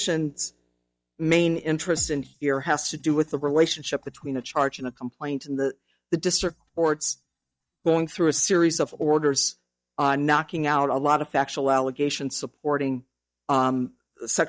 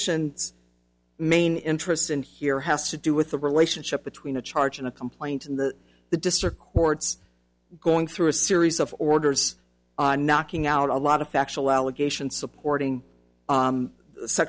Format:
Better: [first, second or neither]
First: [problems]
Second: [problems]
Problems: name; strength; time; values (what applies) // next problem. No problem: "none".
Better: second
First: noise reduction (neural mask model DeepFilterNet 3)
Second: none